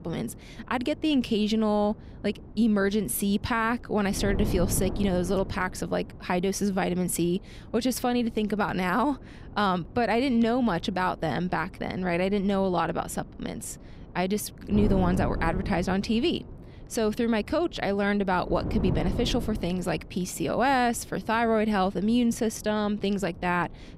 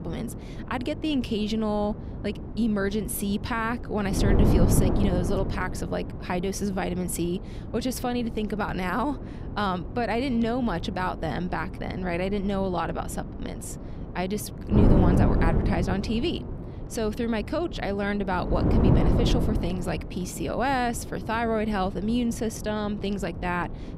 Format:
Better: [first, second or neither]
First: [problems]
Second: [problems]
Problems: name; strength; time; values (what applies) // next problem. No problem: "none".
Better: first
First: wind noise on the microphone; occasional gusts; 15 dB below the speech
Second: wind noise on the microphone; heavy; 7 dB below the speech